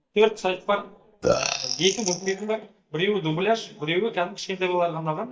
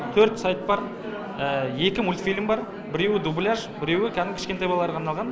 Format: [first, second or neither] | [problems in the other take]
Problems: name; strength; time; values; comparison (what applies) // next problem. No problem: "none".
second | noise reduction (neural mask model DeepFilterNet 3)